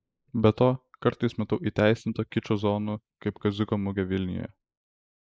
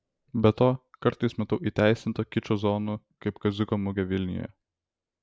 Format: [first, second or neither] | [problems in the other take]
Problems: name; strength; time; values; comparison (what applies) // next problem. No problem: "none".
second | noise reduction (neural mask model Resemble Enhance denoiser)